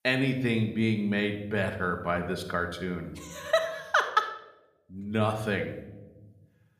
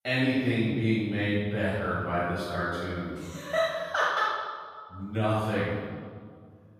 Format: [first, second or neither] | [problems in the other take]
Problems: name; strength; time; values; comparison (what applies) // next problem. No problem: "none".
first | room echo; strong; dies away in 1.7 s; slight in the first // off-mic speech; far